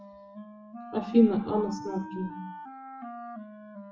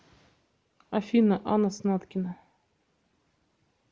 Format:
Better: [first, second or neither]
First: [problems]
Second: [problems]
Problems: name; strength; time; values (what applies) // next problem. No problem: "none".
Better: second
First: noise reduction (classical method WPE with log-MMSE)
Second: none